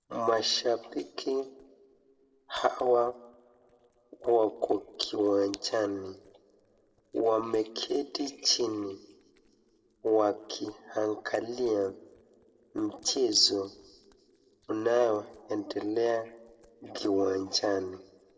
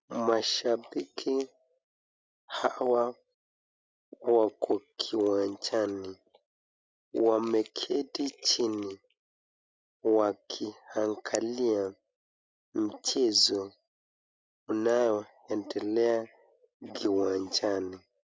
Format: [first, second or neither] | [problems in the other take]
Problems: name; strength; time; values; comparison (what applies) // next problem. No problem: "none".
second | noise reduction (neural separator model SepFormer DNS4)